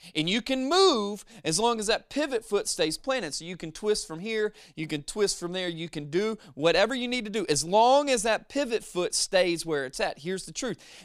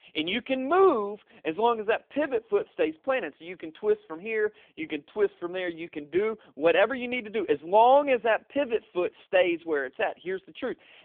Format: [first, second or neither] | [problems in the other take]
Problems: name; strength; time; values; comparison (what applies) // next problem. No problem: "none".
first | phone-call audio; poor line; nothing above 3.5 kHz